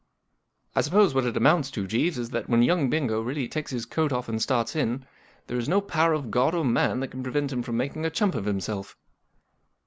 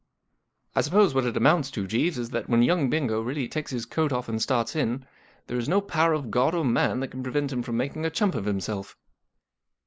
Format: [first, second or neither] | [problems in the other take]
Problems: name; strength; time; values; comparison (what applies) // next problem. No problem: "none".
first | noise reduction (neural mask model Resemble Enhance denoiser)